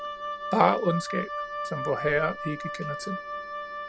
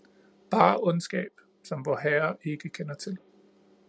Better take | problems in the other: second | background sound (Wind instrument, woodwind instrument); 5 dB below the speech

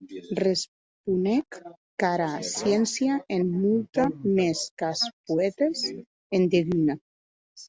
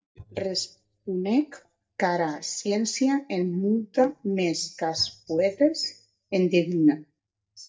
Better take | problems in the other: first | noise reduction (neural mask model DeepFilterNet 3)

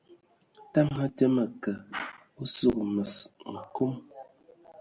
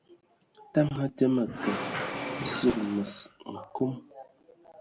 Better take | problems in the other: first | background sound (Engine / Mechanisms); 7 dB below the speech

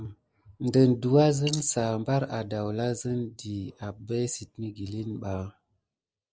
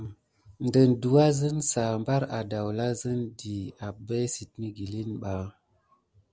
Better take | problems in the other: second | noise reduction (neural mask model Resemble Enhance denoiser)

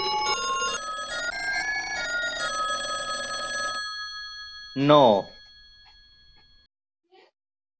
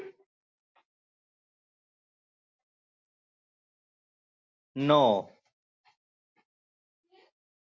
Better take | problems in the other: second | background sound (Telephone); 2 dB below the speech

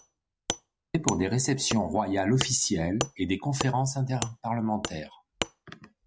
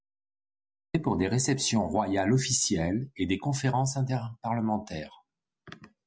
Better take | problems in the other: second | background sound (Wood); 9 dB below the speech

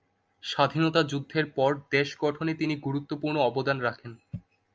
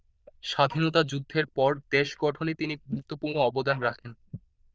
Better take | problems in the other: first | noise reduction (neural diffusion model UNIVERSE++)

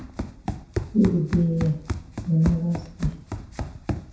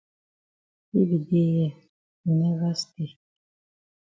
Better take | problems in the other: second | background sound (Run); 5 dB below the speech // room echo; dies away in 0.6 s

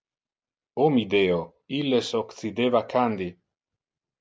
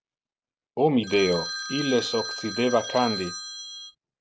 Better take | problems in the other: first | background sound (Telephone); 8 dB below the speech

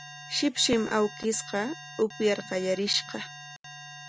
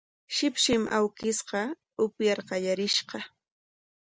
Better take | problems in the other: second | background sound (Alarm); 15 dB below the speech

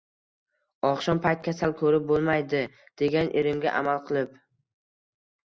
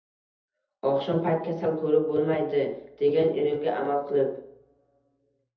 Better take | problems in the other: first | room echo; dies away in 0.7 s

